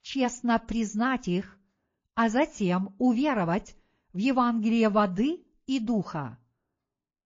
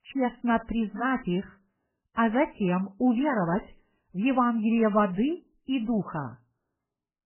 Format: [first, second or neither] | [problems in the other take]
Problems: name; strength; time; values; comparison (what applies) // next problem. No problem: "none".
first | garbled, watery; badly; nothing above 3 kHz; slightly in the first